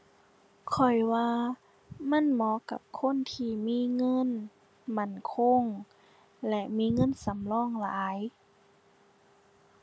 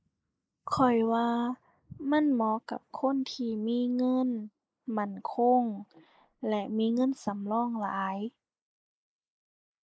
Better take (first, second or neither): first